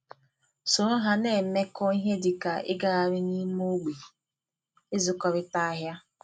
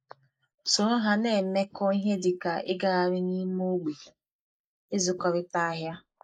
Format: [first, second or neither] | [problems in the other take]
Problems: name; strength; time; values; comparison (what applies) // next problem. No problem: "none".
first | noise reduction (neural mask model Resemble Enhance denoiser)